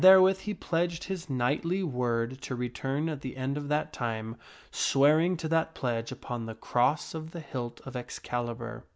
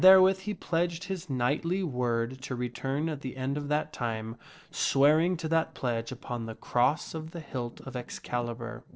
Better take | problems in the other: first | noise reduction (neural separator model SepFormer DNS4)

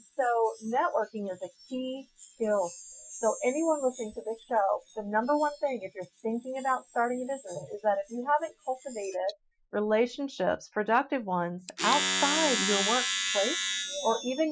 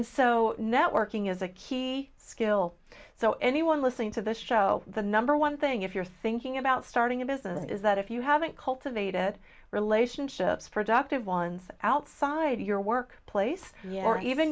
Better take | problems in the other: second | noise reduction (classical method Wiener filter)

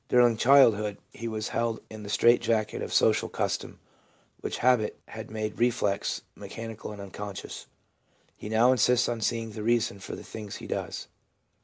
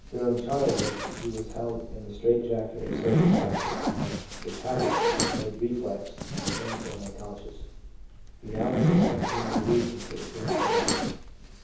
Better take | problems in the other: first | background sound (Zipper (clothing)); 2 dB above the speech // room echo; dies away in 0.9 s

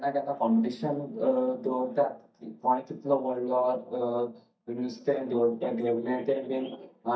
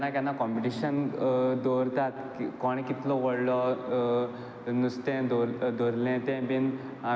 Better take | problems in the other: second | noise reduction (neural mask model DeepFilterNet 3)

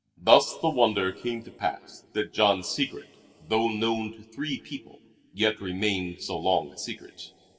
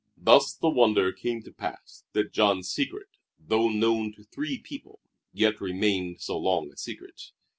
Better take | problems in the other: second | room echo; dies away in 2.1 s

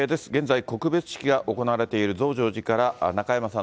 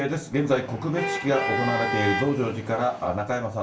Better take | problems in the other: first | background sound (Traffic noise, roadway noise / Vehicle horn, car horn, honking); 5 dB below the speech // room echo; dies away in 0.3 s

